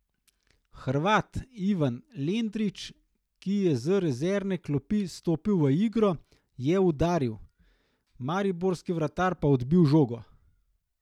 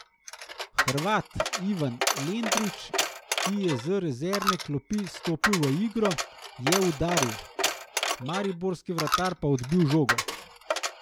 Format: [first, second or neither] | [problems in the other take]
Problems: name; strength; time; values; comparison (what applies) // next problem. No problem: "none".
first | background sound (Coin (dropping)); 2 dB below the speech